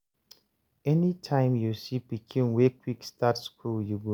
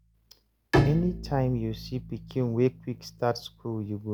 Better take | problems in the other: first | background sound (Bowed string instrument); 3 dB below the speech

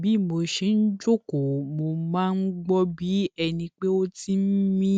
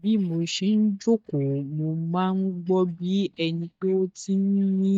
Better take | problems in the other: first | noise reduction (neural mask model DeepFilterNet 3)

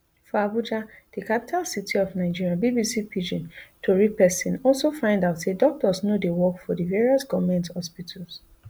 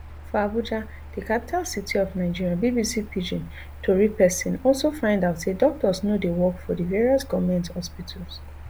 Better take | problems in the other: first | background sound (Mechanical fan); 15 dB below the speech

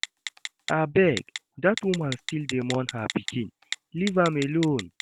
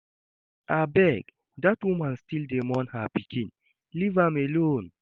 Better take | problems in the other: second | background sound (Telephone); 12 dB below the speech

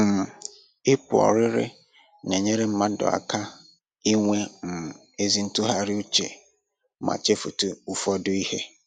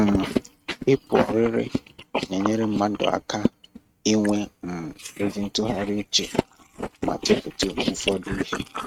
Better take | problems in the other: first | noise reduction (neural mask model RNNoise)

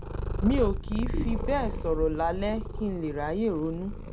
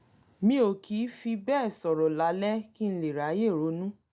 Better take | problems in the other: second | background sound (Purr); 2 dB below the speech

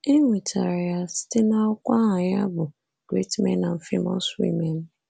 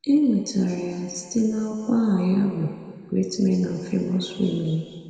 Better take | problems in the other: first | room echo; dies away in 2.3 s

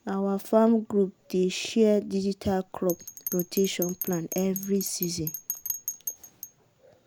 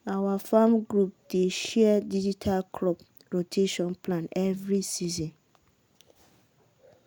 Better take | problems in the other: second | background sound (Bell); 12 dB below the speech

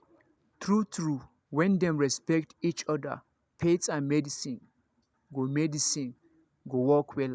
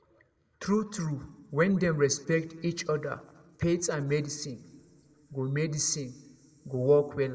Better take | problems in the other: first | room echo; dies away in 0.5 s

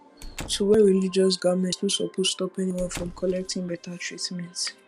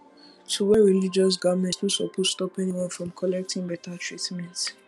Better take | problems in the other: second | background sound (Squeak / Slam / Wood); 16 dB below the speech

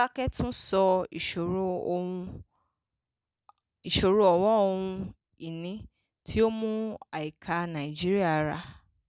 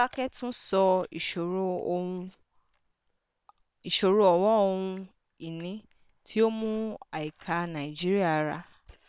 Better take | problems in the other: first | noise reduction (neural separator model SepFormer WHAM!)

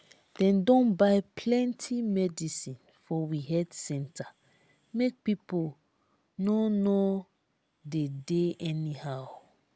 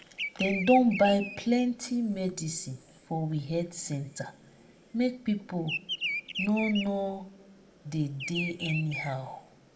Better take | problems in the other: first | background sound (Bird vocalization, bird call, bird song); 10 dB below the speech // room echo; dies away in 0.4 s

